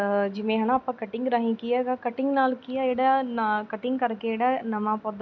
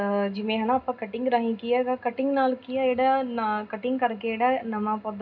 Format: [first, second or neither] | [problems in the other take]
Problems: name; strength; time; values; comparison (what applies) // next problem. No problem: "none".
first | room echo; dies away in 0.2 s